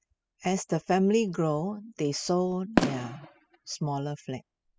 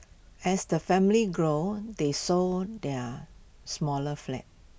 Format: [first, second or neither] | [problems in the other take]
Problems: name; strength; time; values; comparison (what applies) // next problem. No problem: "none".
second | noise reduction (classical method spectral subtraction)